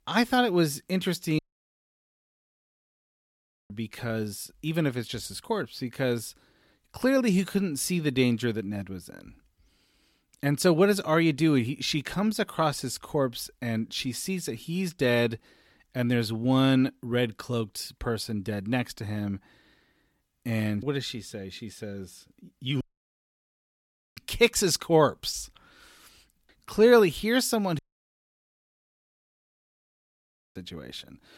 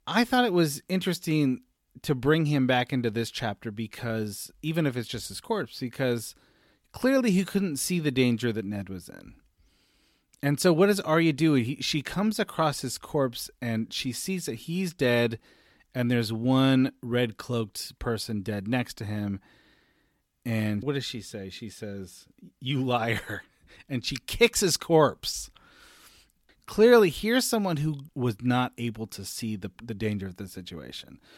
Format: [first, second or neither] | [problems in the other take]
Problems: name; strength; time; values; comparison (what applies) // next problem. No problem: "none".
second | audio cutting out; at 1.5 s for 2.5 s, at 23 s for 1.5 s and at 28 s for 3 s